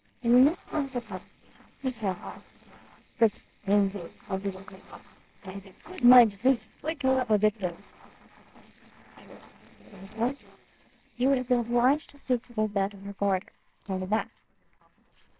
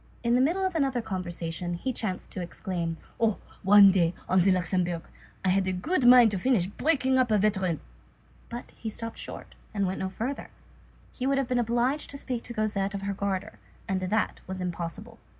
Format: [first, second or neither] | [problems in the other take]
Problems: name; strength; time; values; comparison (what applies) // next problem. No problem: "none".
second | noise reduction (neural separator model SepFormer WHAMR!)